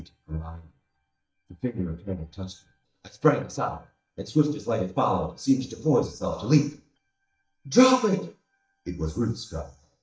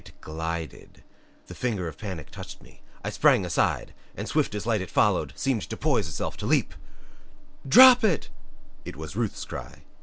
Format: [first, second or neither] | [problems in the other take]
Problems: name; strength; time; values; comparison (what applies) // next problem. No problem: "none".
second | noise reduction (neural mask model DeepFilterNet 3)